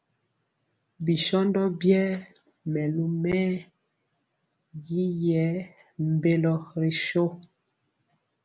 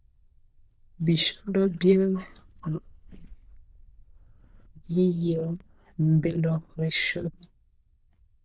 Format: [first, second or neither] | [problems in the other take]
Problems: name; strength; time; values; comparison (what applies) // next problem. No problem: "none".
first | noise reduction (neural diffusion model UNIVERSE++)